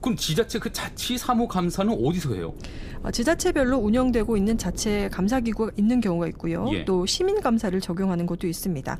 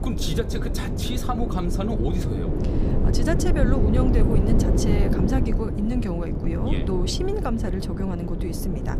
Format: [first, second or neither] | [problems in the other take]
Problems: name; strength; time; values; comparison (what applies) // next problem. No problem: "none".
first | low rumble; loud; throughout; 2 dB below the speech; faint in the first